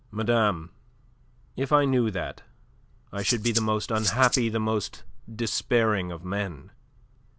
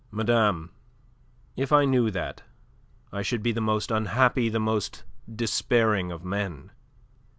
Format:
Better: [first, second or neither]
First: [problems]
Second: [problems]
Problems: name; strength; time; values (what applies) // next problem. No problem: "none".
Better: second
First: background sound (Rattle (instrument)); 3 dB below the speech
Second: none